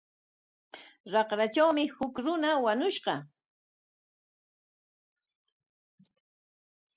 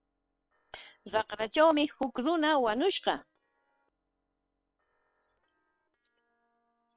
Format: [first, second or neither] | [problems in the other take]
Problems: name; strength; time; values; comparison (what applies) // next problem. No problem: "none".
first | noise reduction (neural separator model SepFormer WHAM!)